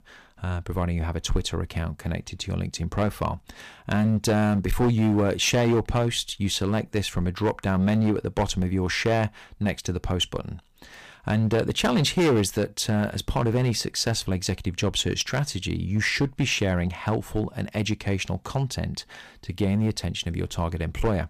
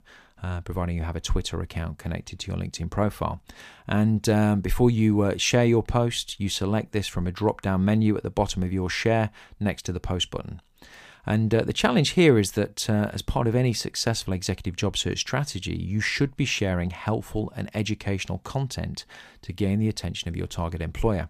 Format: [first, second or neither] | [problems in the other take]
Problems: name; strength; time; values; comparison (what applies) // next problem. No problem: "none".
second | distortion; slight; 6% of the sound clipped